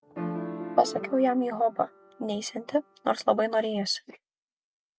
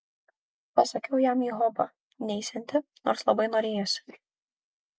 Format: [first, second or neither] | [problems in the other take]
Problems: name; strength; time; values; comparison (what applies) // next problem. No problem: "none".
second | background sound (Piano); 11 dB below the speech